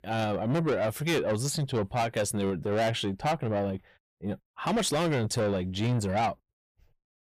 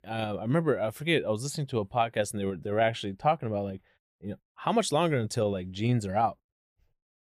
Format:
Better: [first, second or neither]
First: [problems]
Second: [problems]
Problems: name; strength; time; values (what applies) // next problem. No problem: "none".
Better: second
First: distortion; heavy; 7 dB below the speech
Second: none